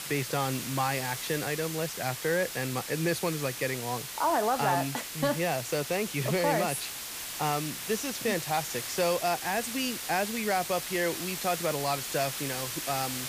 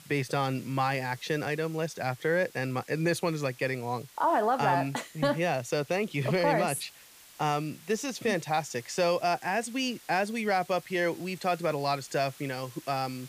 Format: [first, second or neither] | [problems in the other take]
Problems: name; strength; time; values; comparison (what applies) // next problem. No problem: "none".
second | hiss; loud; throughout; 5 dB below the speech; faint in the second